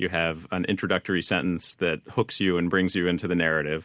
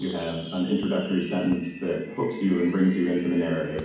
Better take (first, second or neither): first